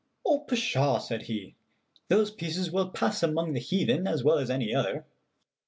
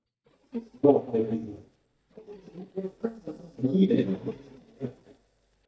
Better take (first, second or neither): first